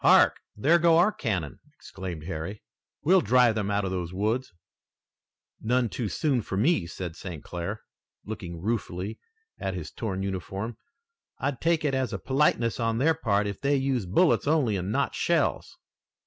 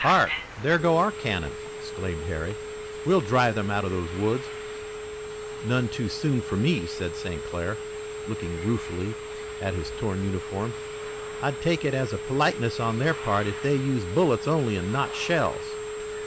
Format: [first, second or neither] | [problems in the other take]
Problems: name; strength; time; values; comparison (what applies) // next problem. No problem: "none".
first | background sound (Telephone); 7 dB below the speech